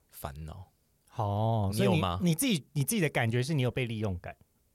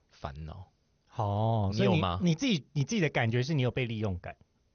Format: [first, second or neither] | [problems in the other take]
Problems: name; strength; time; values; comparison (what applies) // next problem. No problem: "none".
first | garbled, watery; slightly; nothing above 6.5 kHz